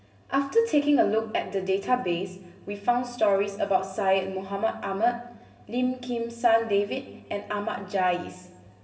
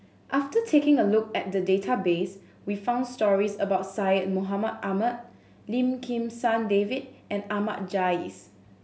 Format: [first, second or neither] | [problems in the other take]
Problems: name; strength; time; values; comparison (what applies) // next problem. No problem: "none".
second | room echo; dies away in 1.1 s